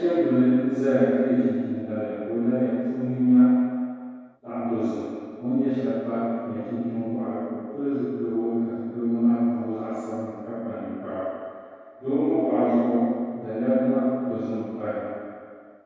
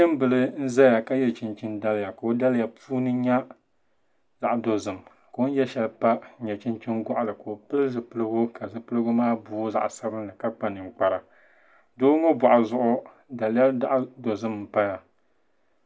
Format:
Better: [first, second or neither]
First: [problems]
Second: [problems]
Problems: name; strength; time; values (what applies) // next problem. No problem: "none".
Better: second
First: room echo; dies away in 2 s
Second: none